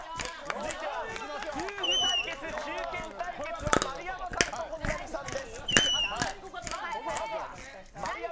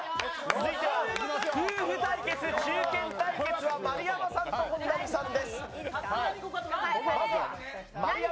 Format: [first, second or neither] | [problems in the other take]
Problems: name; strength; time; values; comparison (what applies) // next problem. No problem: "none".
second | background sound (Screech + Chewing, mastication); 2 dB above the speech